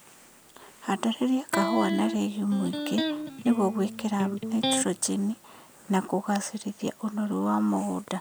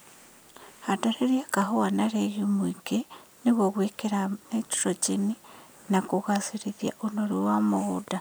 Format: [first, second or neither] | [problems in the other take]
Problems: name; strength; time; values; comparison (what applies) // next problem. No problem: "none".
second | background sound (Electric guitar); 4 dB below the speech